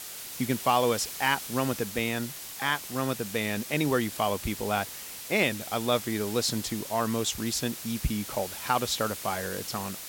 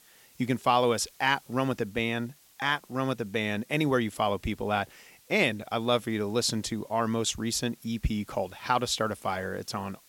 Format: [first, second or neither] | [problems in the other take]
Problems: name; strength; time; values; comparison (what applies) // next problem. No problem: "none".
second | hiss; loud; throughout; 8 dB below the speech; faint in the second